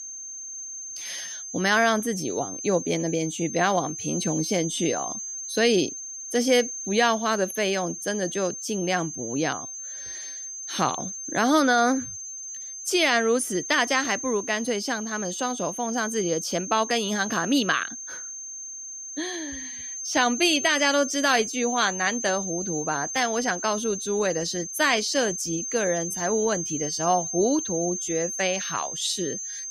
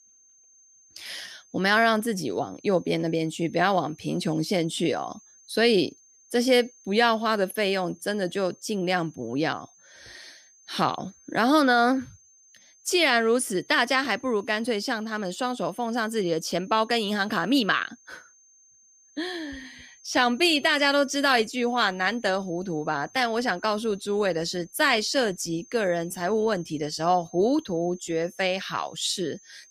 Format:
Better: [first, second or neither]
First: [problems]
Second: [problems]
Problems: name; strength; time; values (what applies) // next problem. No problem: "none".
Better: second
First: high-pitched whine; loud; throughout; 6.5 kHz, 7 dB below the speech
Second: high-pitched whine; faint; throughout; 6.5 kHz, 25 dB below the speech